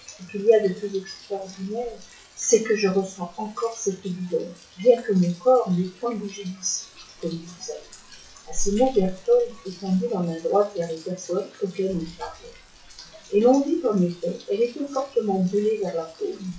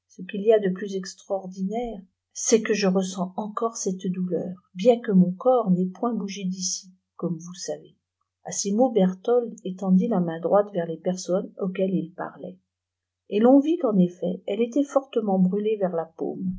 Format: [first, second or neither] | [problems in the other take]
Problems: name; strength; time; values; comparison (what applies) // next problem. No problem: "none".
second | noise reduction (classical method WPE with log-MMSE)